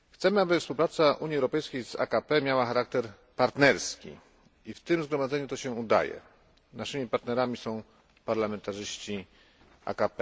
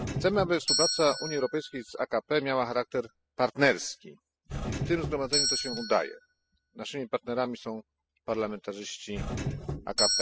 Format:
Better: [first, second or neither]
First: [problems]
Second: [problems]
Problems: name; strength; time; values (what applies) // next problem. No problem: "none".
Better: first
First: none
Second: noise reduction (classical method spectral subtraction)